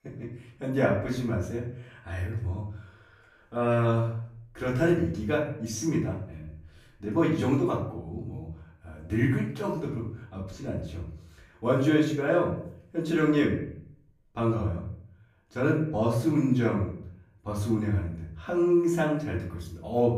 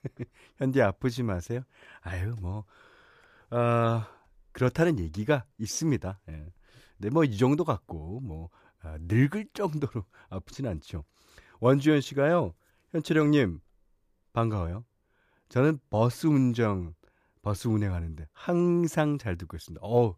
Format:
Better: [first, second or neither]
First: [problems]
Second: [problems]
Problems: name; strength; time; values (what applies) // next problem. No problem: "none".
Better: second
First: room echo; noticeable; dies away in 0.5 s // off-mic speech; far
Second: none